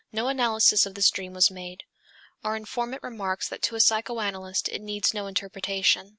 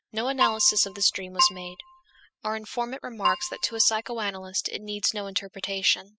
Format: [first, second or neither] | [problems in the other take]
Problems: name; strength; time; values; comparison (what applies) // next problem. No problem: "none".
first | noise reduction (classical method spectral subtraction)